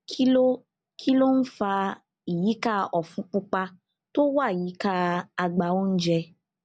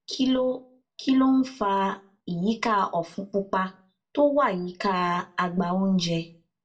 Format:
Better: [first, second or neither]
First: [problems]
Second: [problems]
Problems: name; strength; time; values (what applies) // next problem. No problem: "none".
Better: first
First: none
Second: room echo; dies away in 0.2 s